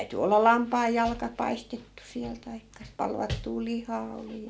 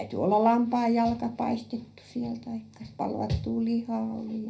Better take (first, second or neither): first